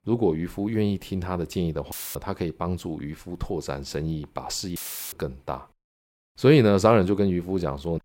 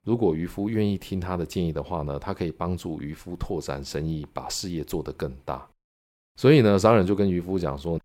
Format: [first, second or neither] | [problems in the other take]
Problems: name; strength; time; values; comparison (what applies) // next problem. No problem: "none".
second | audio cutting out; filled with static; at 2 s and at 5 s